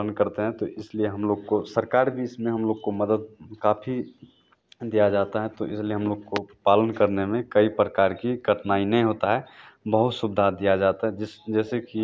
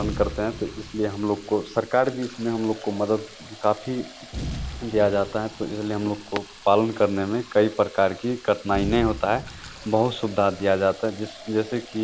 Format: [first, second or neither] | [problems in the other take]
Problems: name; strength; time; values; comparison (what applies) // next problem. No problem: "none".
first | background sound (Boom + Fill (with liquid)); 13 dB below the speech